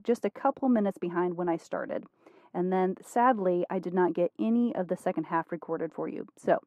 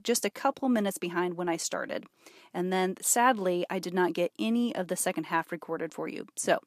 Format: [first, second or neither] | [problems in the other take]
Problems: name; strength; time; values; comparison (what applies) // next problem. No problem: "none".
second | muffled; very; fading above 2.5 kHz